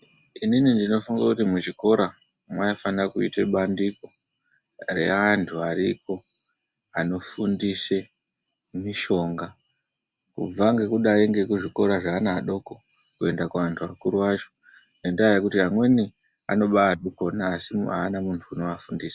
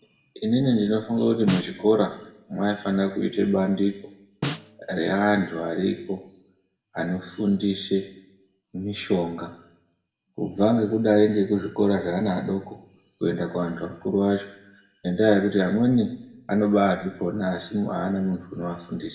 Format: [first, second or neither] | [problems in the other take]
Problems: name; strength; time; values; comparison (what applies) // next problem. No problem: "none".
first | background sound (Snare drum); 10 dB below the speech // room echo; dies away in 0.8 s